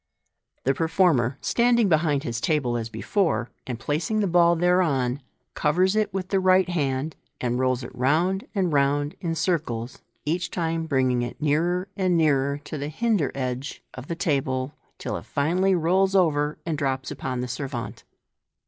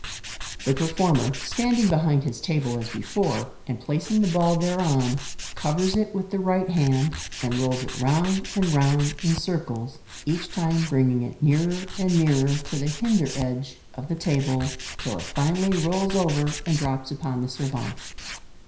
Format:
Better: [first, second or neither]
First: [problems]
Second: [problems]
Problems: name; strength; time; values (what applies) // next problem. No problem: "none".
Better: first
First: none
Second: background sound (Tools); 11 dB below the speech // room echo; dies away in 0.5 s